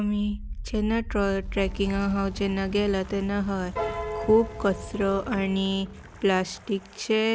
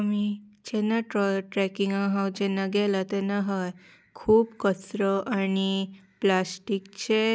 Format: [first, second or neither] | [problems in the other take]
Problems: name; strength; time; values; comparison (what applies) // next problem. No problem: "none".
second | background sound (Piano + Wind); 9 dB below the speech